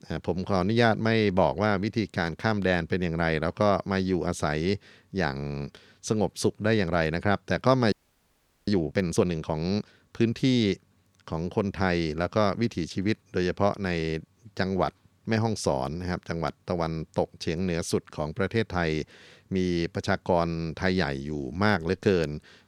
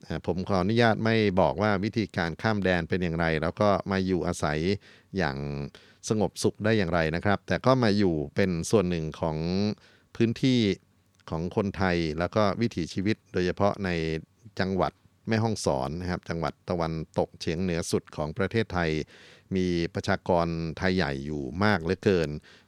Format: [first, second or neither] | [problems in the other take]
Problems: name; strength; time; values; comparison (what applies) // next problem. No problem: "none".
second | audio freezing; at 8 s for 1 s